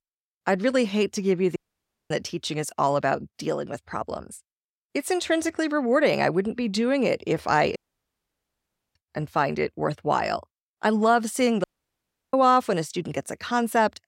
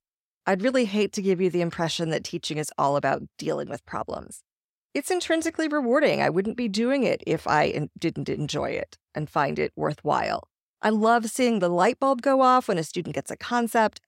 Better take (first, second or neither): second